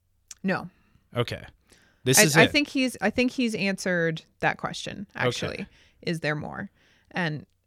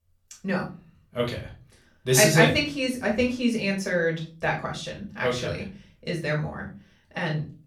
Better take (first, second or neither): first